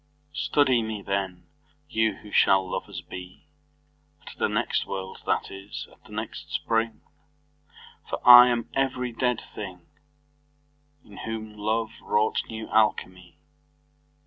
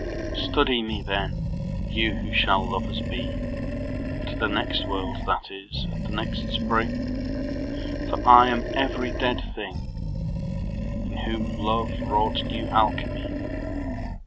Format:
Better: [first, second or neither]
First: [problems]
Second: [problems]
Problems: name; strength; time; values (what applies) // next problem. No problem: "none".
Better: first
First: none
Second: background sound (Animal); 1 dB below the speech